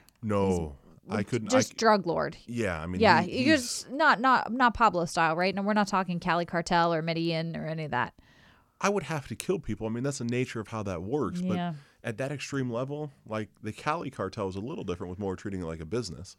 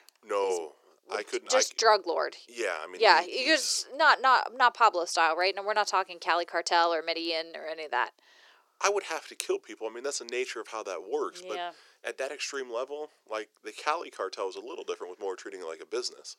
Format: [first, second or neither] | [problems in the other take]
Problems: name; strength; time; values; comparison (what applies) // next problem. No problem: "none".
first | thin; very; fading below 350 Hz